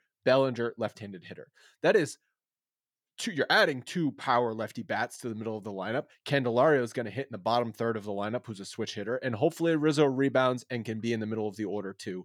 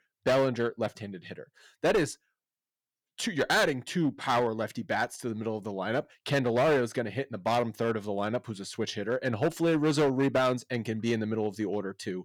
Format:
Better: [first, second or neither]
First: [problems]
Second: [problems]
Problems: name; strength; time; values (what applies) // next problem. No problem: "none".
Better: first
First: none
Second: distortion; slight; 6% of the sound clipped